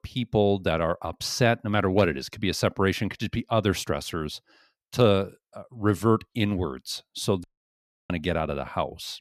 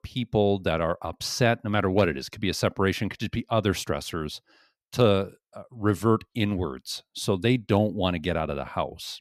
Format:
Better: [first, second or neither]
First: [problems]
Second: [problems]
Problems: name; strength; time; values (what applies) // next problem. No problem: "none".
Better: second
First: audio cutting out; at 7.5 s for 0.5 s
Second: none